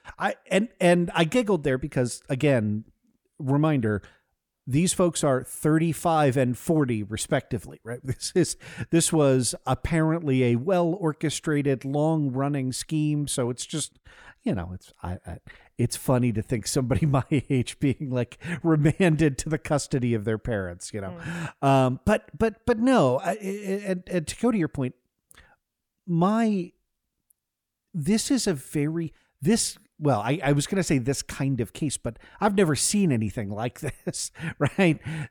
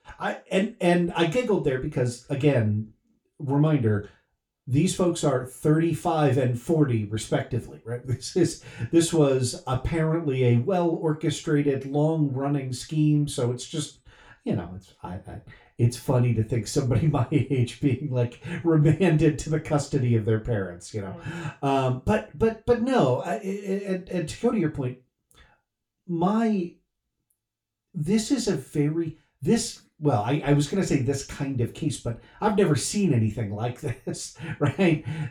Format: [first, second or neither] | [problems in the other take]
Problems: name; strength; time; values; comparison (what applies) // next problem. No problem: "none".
first | room echo; very slight; dies away in 0.3 s // off-mic speech; somewhat distant